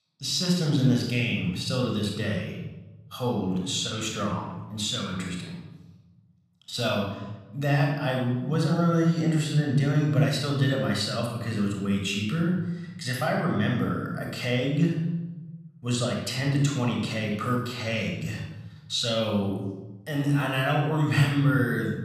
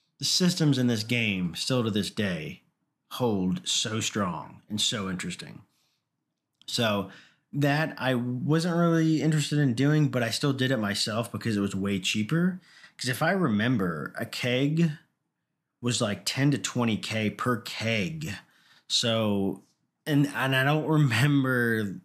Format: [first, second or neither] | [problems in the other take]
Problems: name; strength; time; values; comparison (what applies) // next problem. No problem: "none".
second | off-mic speech; somewhat distant // room echo; noticeable; dies away in 1 s